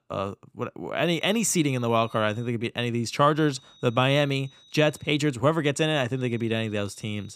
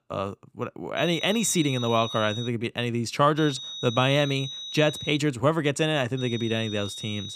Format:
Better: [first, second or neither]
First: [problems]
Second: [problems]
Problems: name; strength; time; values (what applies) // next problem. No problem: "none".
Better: first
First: high-pitched whine; faint; from 1 to 2.5 s, from 3.5 to 5 s and from 6 s on; 4 kHz, 30 dB below the speech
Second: high-pitched whine; loud; from 1 to 2.5 s, from 3.5 to 5 s and from 6 s on; 4 kHz, 9 dB below the speech